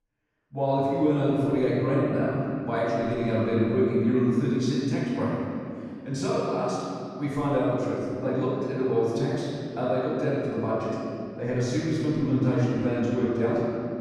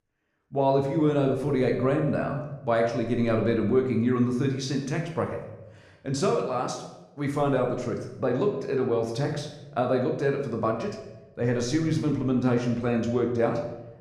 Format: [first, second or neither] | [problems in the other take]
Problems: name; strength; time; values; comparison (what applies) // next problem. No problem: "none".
second | room echo; strong; dies away in 2.6 s; slight in the second // off-mic speech; far; somewhat distant in the second